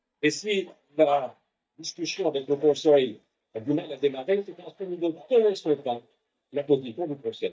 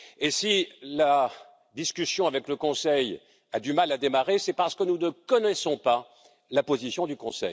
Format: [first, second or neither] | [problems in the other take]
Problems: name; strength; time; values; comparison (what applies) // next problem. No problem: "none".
second | noise reduction (neural mask model DeepFilterNet 3)